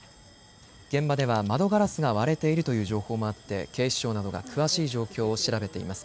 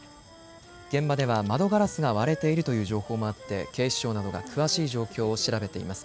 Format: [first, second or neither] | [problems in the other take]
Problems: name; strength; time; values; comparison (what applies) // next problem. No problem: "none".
first | background sound (Wind instrument, woodwind instrument); 19 dB below the speech